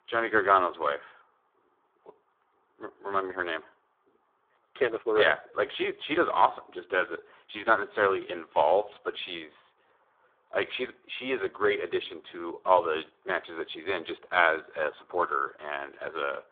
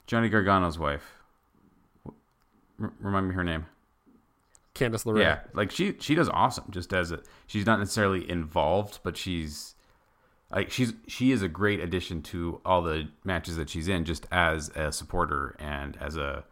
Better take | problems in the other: second | phone-call audio; poor line; nothing above 3.5 kHz

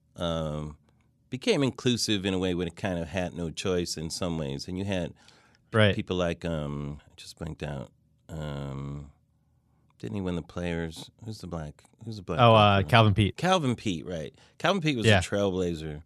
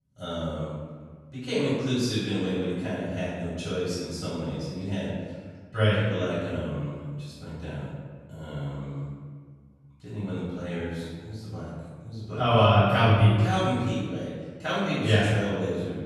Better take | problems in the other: first | off-mic speech; far // room echo; strong; dies away in 1.5 s

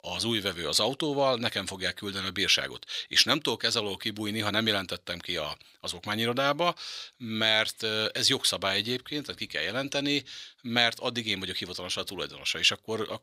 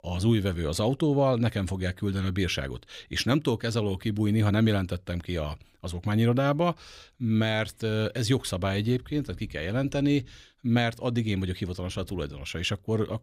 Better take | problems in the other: second | thin; somewhat; fading below 1 kHz

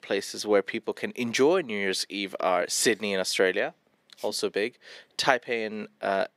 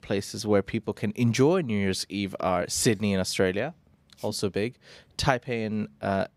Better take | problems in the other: second | thin; somewhat; fading below 400 Hz

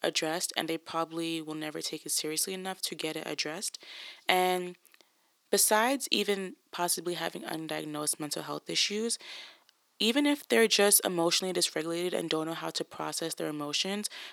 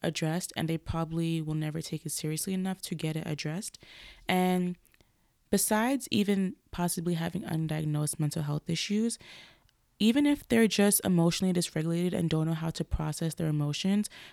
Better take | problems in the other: second | thin; somewhat; fading below 350 Hz

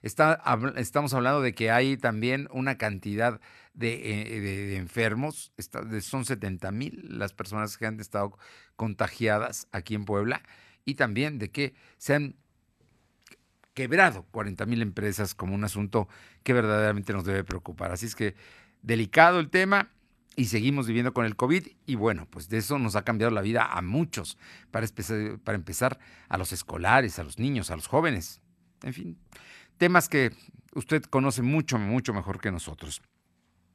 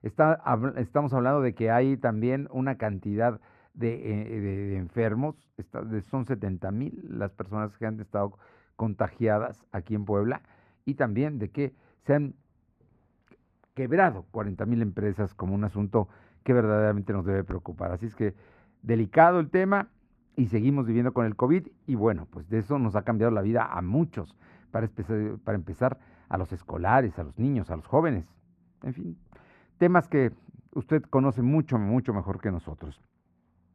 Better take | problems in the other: first | muffled; very; fading above 2.5 kHz

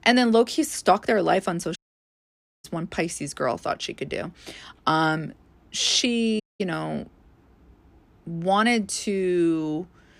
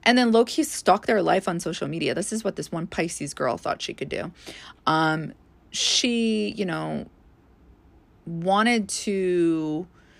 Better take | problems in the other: second | audio cutting out; at 2 s for 1 s and at 6.5 s

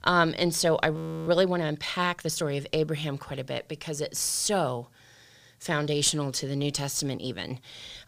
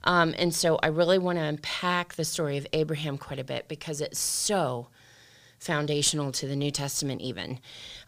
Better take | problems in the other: second | audio freezing; at 1 s

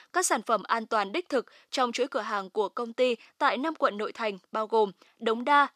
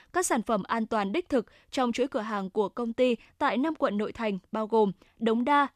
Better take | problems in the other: second | thin; somewhat; fading below 350 Hz

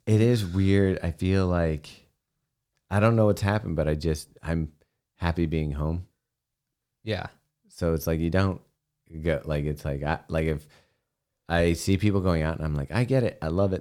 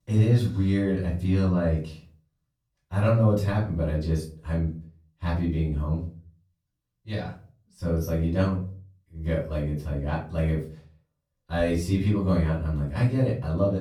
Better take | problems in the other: first | off-mic speech; far // room echo; slight; dies away in 0.4 s

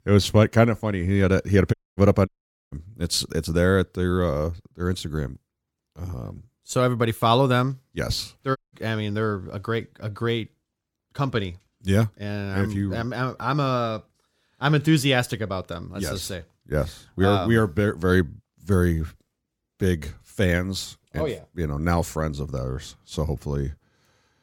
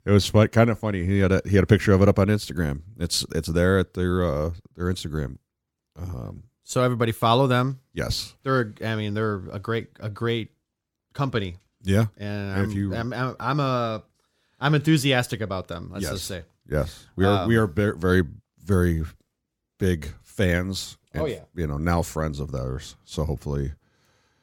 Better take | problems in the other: second | audio cutting out; at 1.5 s, at 2.5 s and at 8.5 s

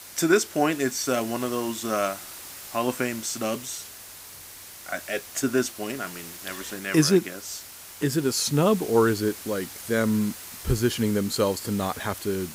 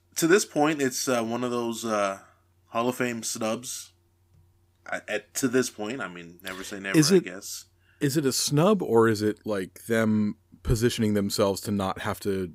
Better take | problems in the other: second | hiss; noticeable; throughout; 15 dB below the speech

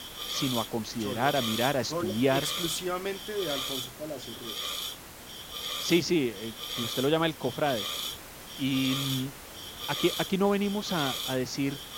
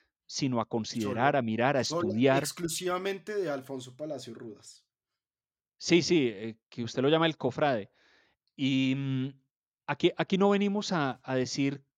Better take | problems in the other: second | hiss; loud; throughout; 5 dB below the speech

